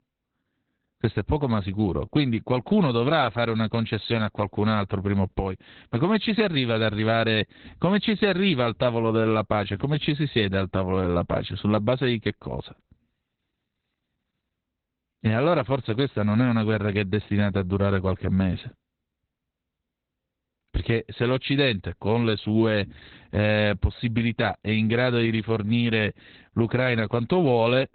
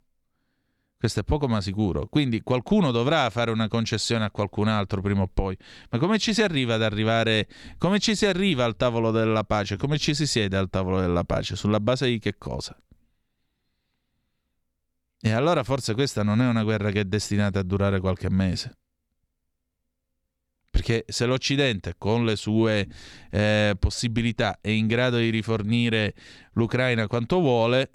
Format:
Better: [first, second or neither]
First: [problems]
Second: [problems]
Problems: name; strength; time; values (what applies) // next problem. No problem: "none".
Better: second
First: garbled, watery; badly; nothing above 4 kHz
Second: none